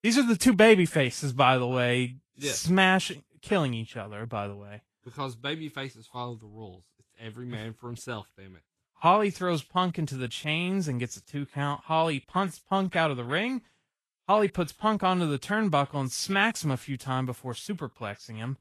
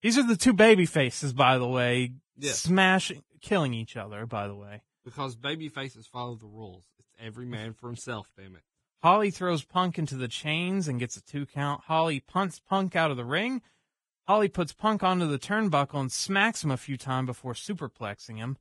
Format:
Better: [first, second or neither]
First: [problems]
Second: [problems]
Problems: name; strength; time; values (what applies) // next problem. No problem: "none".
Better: first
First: garbled, watery; slightly; nothing above 12.5 kHz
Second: garbled, watery; badly; nothing above 10.5 kHz